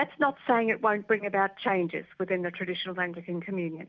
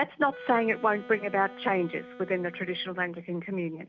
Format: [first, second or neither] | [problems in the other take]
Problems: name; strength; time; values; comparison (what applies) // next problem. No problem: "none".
first | background sound (Wind instrument, woodwind instrument); 18 dB below the speech